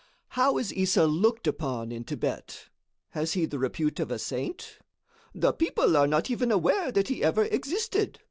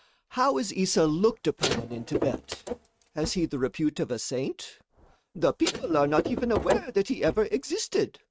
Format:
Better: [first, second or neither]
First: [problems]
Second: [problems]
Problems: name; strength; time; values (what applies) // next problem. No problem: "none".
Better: first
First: none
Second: noise reduction (neural mask model RNNoise)